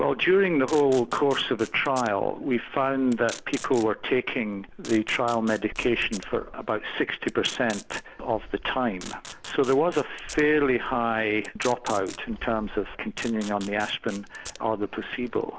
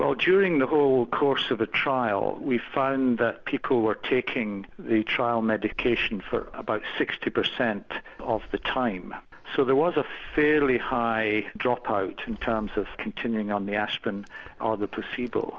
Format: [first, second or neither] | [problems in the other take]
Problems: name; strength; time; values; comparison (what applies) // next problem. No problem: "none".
second | background sound (Packing tape, duct tape); 19 dB below the speech